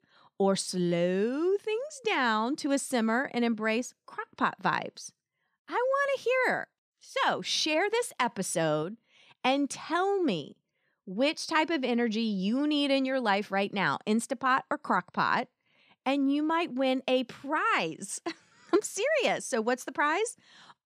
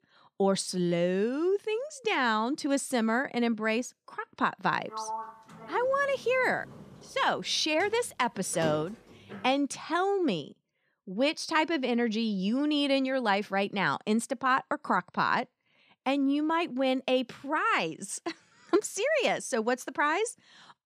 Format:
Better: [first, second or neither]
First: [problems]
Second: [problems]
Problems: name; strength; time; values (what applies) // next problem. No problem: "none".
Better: first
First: none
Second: door banging; noticeable; from 5 to 9.5 s; peak 8 dB below the speech